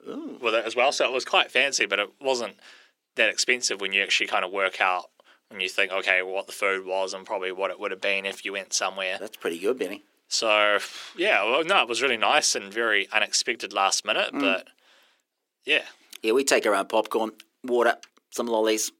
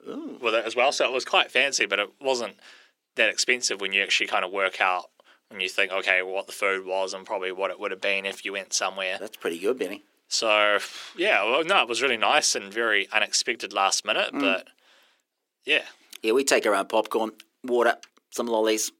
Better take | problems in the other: neither | thin; somewhat; fading below 350 Hz; the same in both

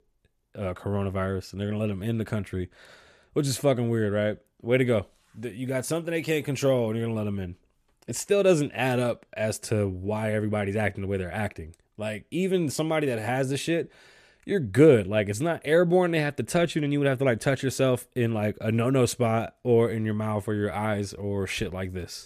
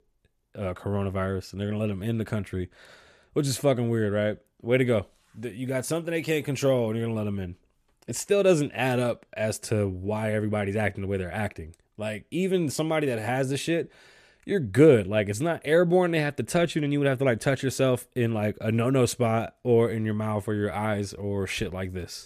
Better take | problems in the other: neither | none

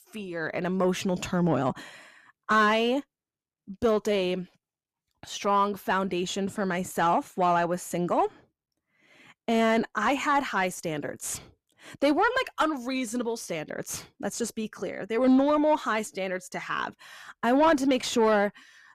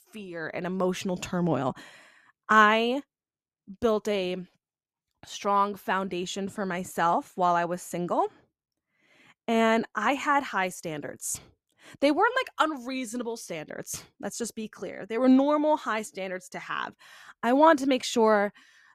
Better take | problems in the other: second | distortion; slight; 10 dB below the speech

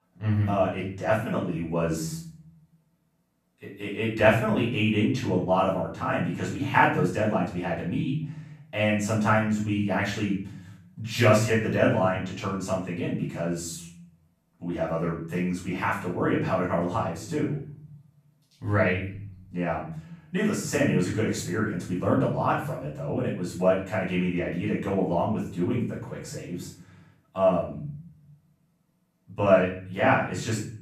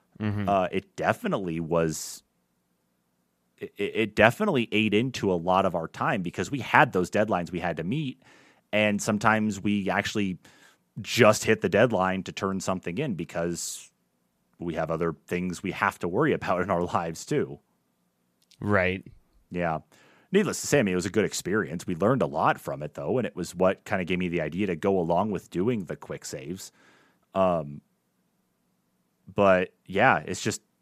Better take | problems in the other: second | room echo; noticeable; dies away in 0.7 s // off-mic speech; far

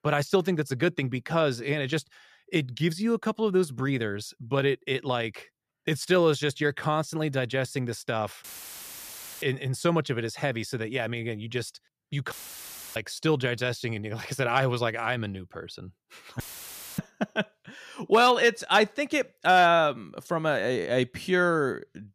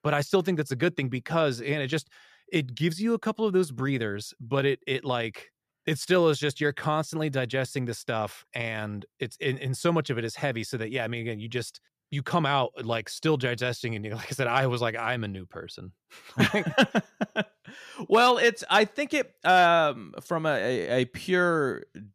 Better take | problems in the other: second | audio cutting out; filled with static; at 8.5 s for 1 s, at 12 s for 0.5 s and at 16 s for 0.5 s

